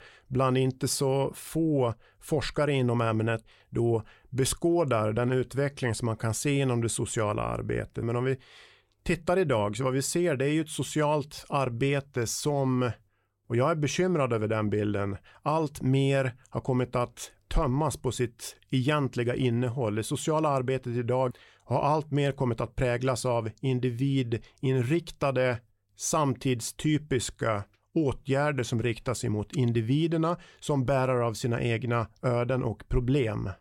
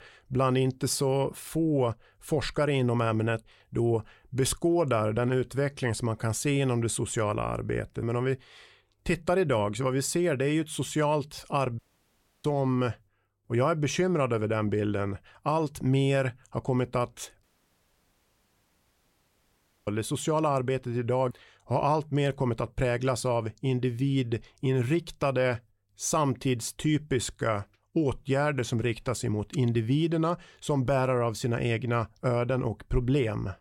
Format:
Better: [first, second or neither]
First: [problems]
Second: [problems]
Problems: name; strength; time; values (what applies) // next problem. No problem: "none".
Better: first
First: none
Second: audio cutting out; at 12 s for 0.5 s and at 17 s for 2.5 s